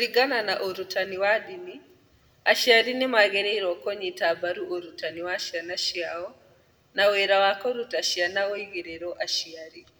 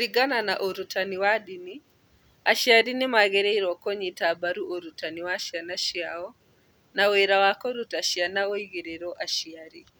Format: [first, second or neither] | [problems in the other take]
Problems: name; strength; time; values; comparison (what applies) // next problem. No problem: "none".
second | room echo; dies away in 0.9 s